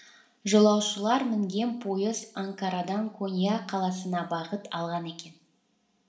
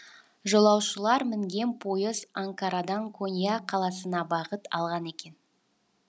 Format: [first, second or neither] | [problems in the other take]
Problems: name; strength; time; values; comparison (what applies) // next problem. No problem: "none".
second | room echo; dies away in 0.5 s